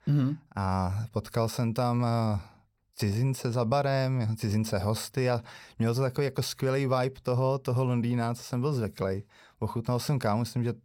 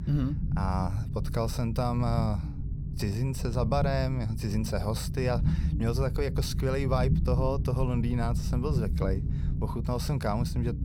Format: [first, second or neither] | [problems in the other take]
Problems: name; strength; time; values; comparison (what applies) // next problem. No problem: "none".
first | low rumble; noticeable; throughout; 10 dB below the speech